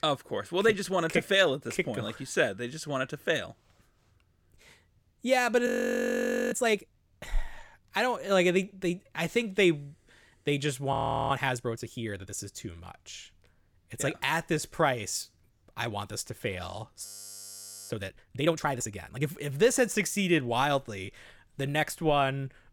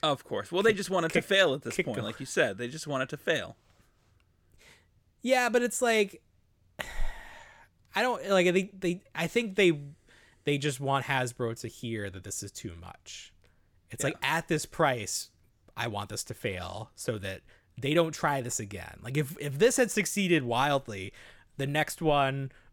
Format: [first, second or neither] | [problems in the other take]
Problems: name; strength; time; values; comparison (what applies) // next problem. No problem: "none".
second | audio freezing; at 5.5 s for 1 s, at 11 s and at 17 s for 1 s